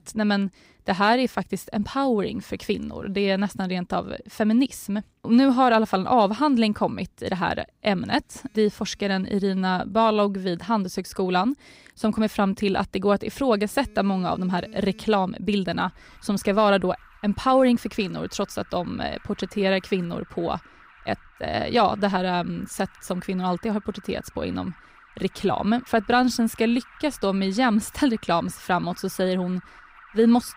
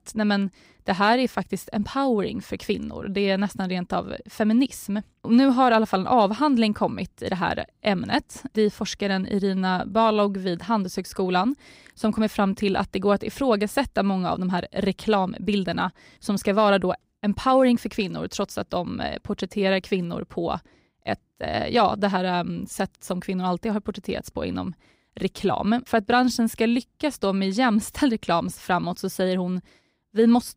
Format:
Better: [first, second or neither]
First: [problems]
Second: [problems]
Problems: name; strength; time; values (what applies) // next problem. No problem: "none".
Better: second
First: alarms or sirens; faint; throughout; 25 dB below the speech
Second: none